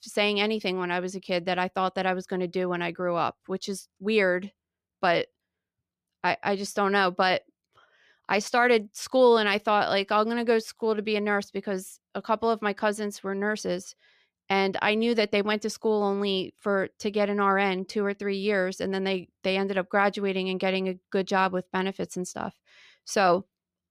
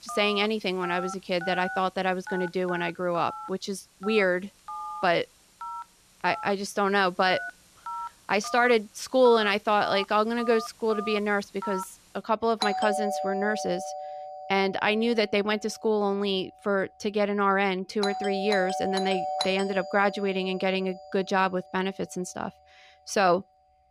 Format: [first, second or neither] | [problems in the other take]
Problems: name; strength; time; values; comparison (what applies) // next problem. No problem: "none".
first | alarms or sirens; loud; throughout; 9 dB below the speech